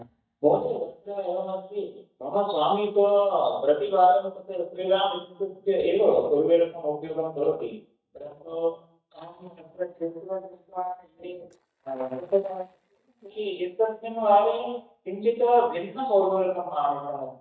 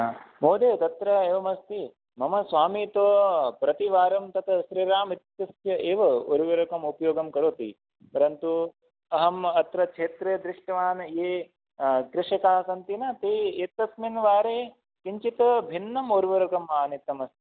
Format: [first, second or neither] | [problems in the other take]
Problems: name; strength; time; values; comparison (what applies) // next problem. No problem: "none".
second | noise reduction (neural mask model DeepFilterNet 3)